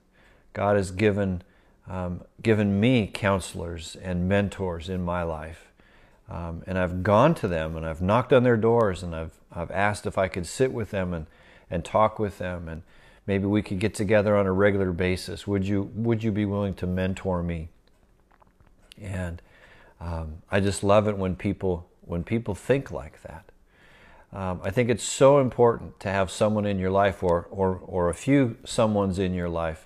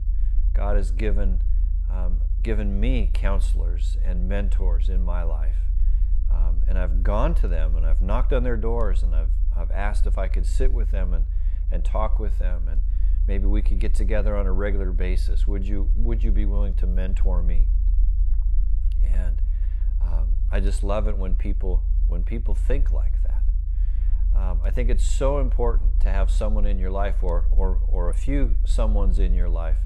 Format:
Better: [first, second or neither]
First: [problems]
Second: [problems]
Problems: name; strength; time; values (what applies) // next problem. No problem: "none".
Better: first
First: none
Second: low rumble; noticeable; throughout; 15 dB below the speech